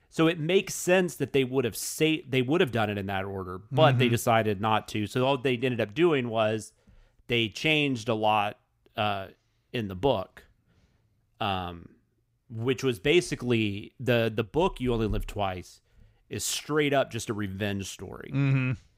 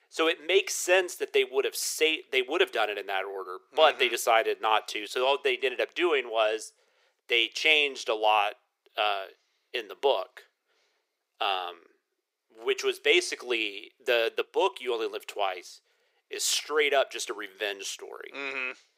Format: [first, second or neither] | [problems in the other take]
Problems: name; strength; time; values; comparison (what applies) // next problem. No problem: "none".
first | thin; very; fading below 400 Hz